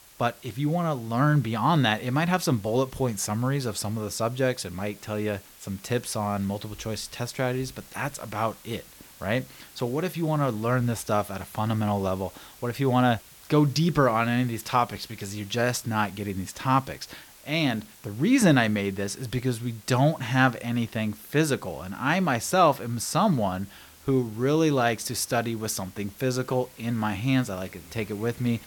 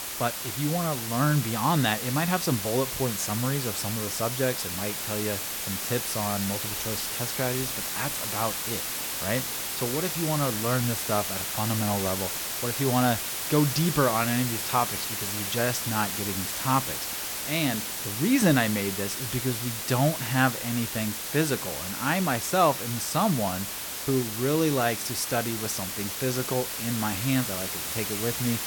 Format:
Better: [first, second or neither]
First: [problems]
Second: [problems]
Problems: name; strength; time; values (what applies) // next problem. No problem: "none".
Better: first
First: hiss; faint; throughout; 20 dB below the speech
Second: hiss; loud; throughout; 2 dB below the speech